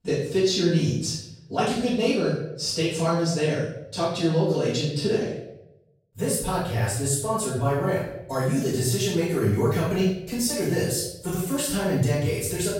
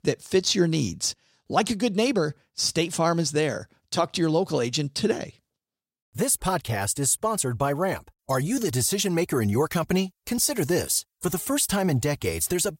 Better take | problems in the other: second | off-mic speech; far // room echo; noticeable; dies away in 0.8 s

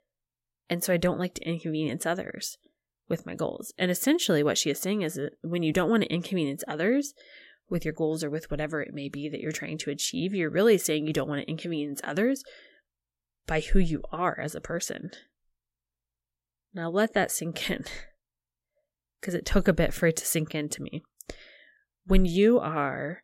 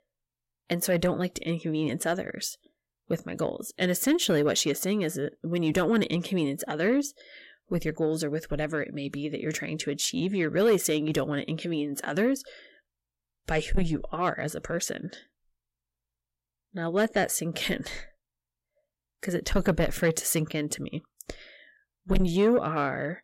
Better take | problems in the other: first | distortion; slight; 10 dB below the speech

